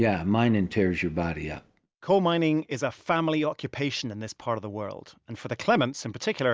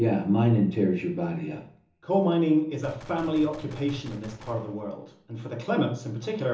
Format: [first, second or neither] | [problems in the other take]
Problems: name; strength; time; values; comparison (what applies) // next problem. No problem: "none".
first | background sound (Gunshot, gunfire); 20 dB below the speech // room echo; dies away in 1.2 s